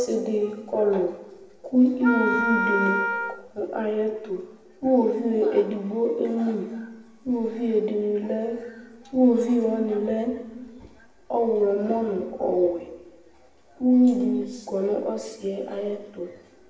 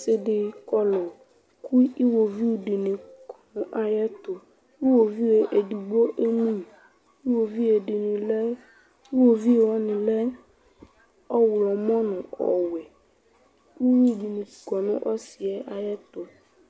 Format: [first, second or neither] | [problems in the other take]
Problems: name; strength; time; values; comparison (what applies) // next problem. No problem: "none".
second | background sound (Wind instrument, woodwind instrument); 3 dB below the speech // room echo; dies away in 1.1 s